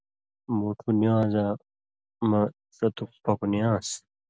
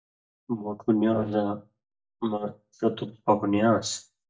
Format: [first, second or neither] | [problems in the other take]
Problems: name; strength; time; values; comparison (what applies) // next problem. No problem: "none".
first | noise reduction (neural mask model DeepFilterNet 3)